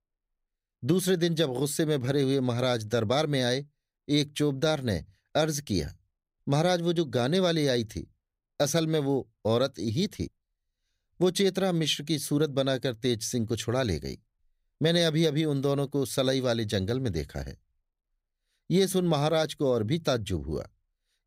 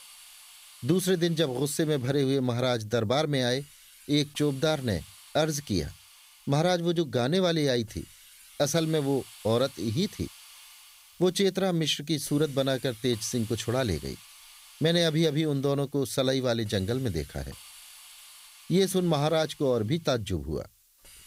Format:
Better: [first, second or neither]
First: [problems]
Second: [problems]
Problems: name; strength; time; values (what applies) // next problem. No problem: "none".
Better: first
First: none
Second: hiss; faint; throughout; 20 dB below the speech